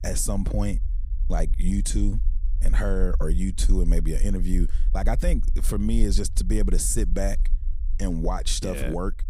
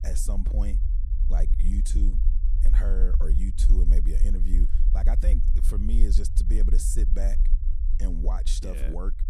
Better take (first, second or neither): first